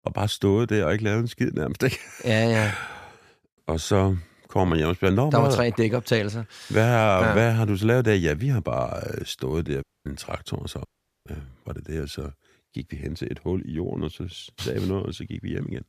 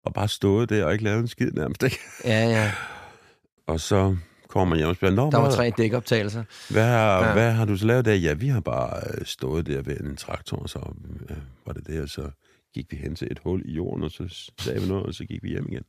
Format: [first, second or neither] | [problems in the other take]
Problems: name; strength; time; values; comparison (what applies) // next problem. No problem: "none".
second | audio cutting out; at 10 s and at 11 s